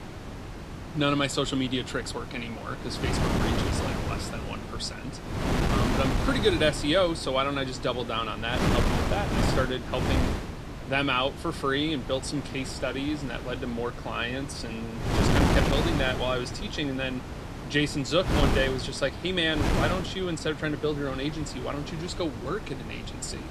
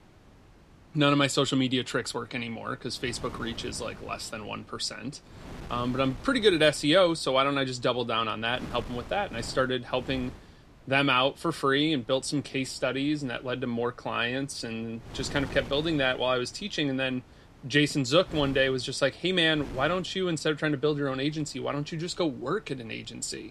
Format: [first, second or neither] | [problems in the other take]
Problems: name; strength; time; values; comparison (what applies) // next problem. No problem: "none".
second | wind noise on the microphone; heavy; 5 dB below the speech; occasional gusts in the second